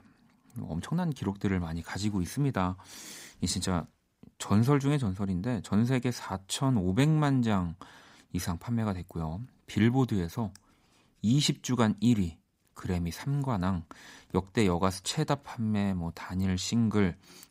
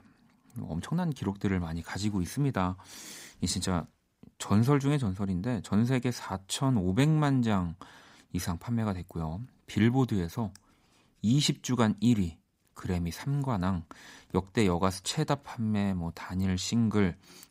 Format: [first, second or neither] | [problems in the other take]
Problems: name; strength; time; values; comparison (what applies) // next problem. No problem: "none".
neither | none